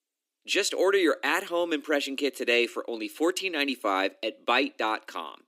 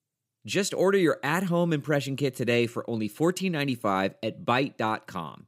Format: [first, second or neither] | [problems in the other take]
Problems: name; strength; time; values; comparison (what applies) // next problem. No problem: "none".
second | thin; very slightly; fading below 250 Hz